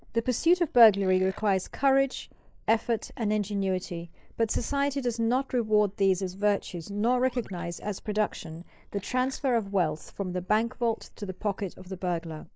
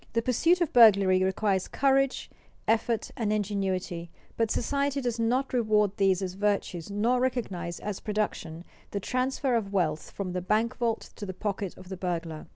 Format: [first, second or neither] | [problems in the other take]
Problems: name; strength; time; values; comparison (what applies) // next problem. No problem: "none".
second | noise reduction (neural mask model Resemble Enhance denoiser)